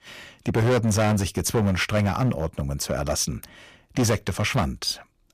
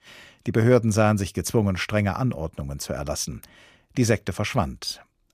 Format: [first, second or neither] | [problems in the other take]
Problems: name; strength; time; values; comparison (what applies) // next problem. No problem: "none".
second | distortion; heavy; 11% of the sound clipped